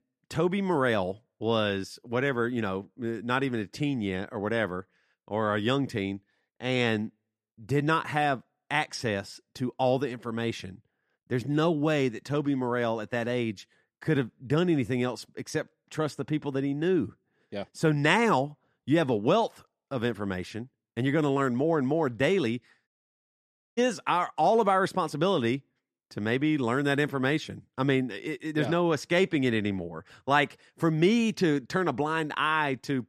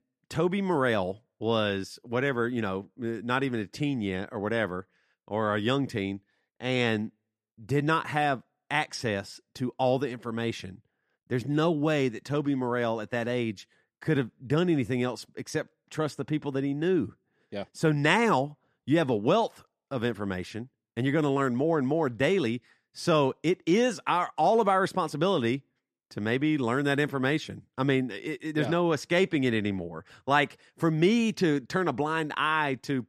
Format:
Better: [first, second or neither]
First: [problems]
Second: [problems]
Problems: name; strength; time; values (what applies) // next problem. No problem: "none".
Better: second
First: audio cutting out; at 23 s for 1 s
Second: none